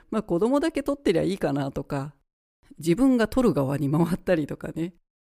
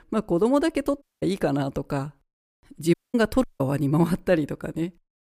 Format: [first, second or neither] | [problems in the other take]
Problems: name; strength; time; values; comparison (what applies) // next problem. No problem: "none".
first | audio cutting out; at 1 s, at 3 s and at 3.5 s